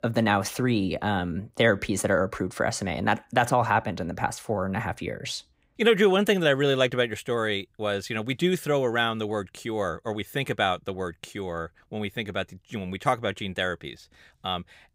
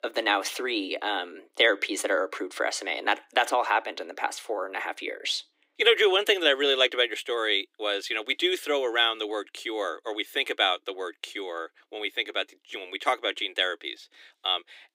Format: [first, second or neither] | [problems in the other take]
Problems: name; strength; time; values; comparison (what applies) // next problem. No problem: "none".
first | thin; very; fading below 300 Hz